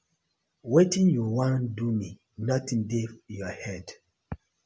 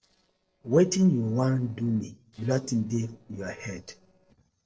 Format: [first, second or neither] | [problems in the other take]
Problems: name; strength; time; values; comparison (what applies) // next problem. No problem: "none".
first | noise reduction (neural separator model SepFormer DNS4)